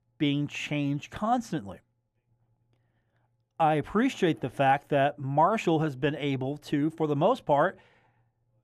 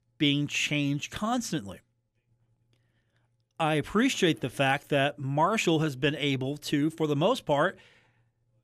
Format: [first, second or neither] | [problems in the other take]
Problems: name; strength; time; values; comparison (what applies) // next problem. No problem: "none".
second | muffled; slightly; fading above 2.5 kHz